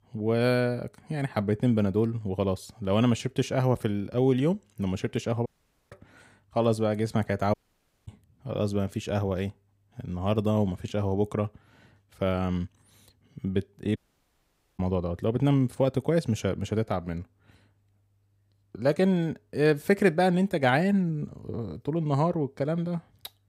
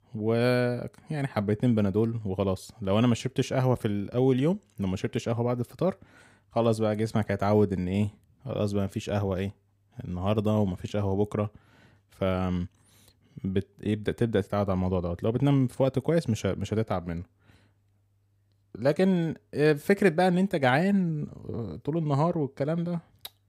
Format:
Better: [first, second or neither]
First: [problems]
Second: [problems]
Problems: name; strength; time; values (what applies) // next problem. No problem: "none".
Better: second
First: audio cutting out; at 5.5 s, at 7.5 s for 0.5 s and at 14 s for 1 s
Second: none